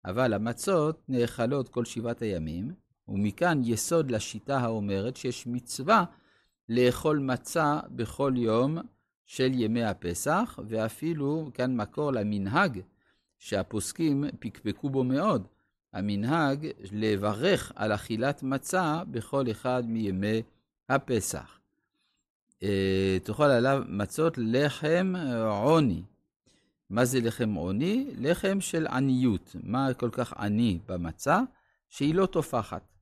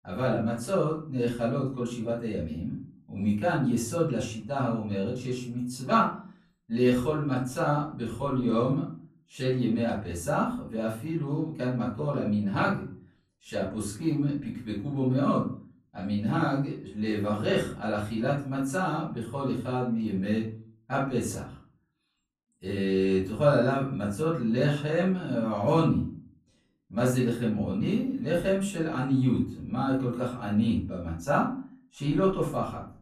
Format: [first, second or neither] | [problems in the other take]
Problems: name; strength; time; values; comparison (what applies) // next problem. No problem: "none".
first | off-mic speech; far // room echo; slight; dies away in 0.4 s